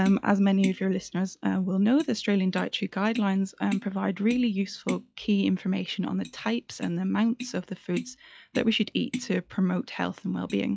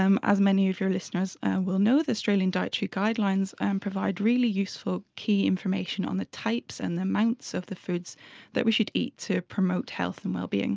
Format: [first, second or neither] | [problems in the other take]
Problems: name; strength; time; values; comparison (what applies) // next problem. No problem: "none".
second | noise reduction (classical method log-MMSE)